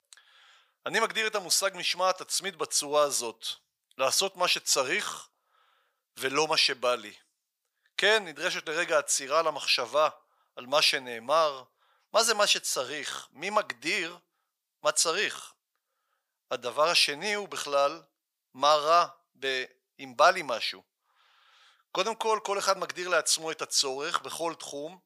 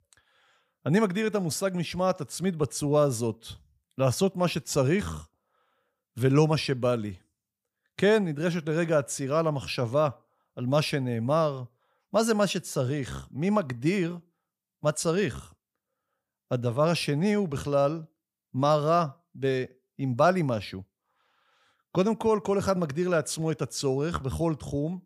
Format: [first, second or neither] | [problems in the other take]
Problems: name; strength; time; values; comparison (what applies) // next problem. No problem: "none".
second | thin; very; fading below 800 Hz